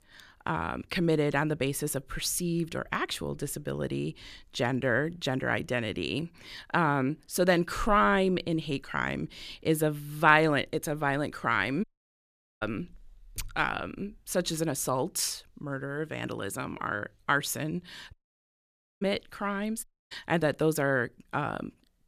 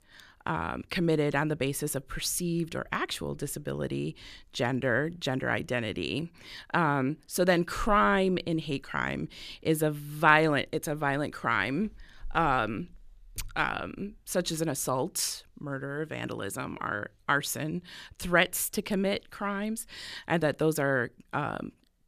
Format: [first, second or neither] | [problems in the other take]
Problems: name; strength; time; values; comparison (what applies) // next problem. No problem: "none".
second | audio cutting out; at 12 s for 1 s, at 18 s for 1 s and at 20 s